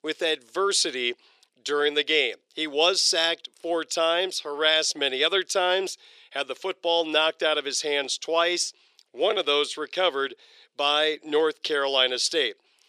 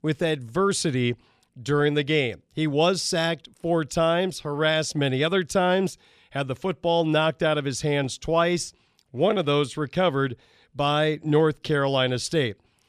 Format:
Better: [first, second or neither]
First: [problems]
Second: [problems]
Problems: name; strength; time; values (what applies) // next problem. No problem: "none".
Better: second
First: thin; very; fading below 400 Hz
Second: none